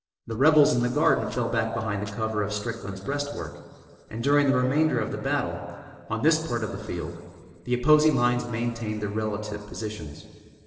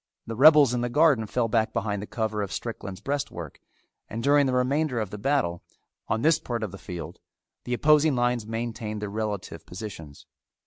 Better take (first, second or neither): second